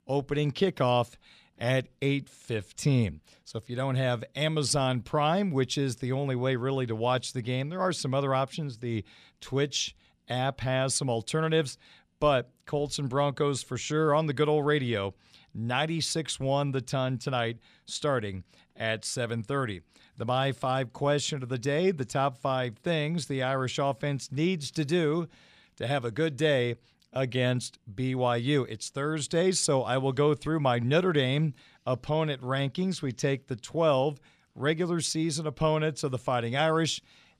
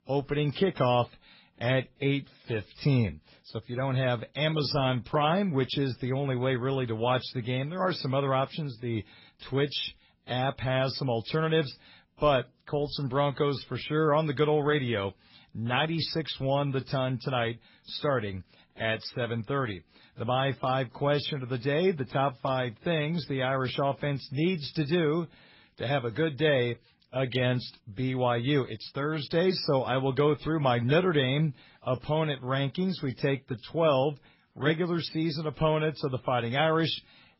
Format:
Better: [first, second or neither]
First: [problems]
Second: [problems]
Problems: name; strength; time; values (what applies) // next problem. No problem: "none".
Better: first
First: none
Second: garbled, watery; badly; nothing above 5.5 kHz